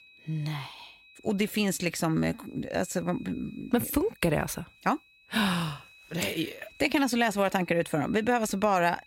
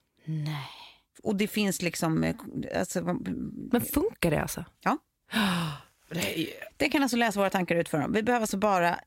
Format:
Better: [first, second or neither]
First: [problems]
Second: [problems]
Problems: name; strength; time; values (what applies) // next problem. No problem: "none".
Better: second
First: high-pitched whine; faint; throughout; 2.5 kHz, 25 dB below the speech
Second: none